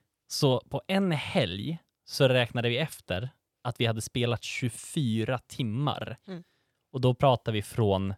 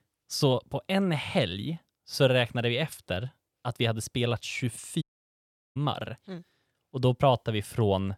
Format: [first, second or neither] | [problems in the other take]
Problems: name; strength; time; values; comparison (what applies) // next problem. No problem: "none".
first | audio cutting out; at 5 s for 0.5 s